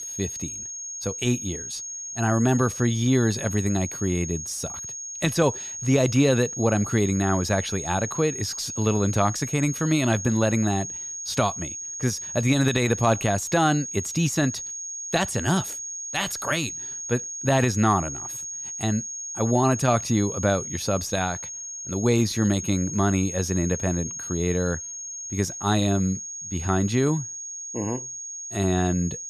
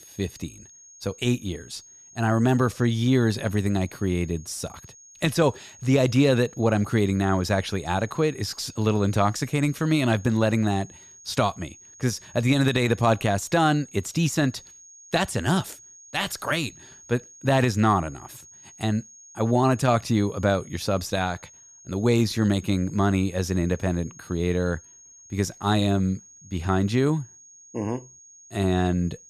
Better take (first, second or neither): second